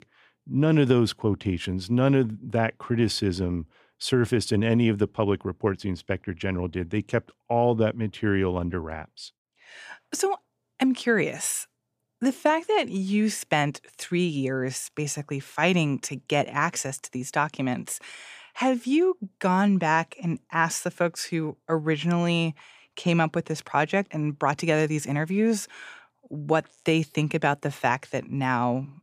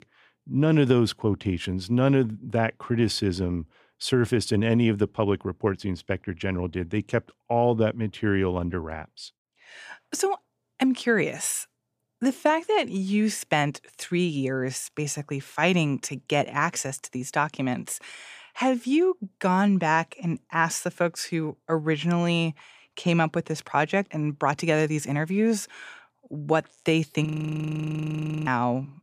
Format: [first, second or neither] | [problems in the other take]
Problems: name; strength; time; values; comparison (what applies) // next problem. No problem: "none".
first | audio freezing; at 27 s for 1 s